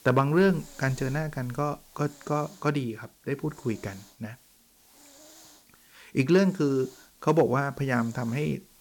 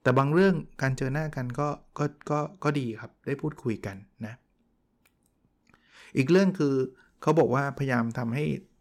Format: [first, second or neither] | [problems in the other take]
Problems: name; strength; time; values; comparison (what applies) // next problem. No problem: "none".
second | hiss; faint; throughout; 25 dB below the speech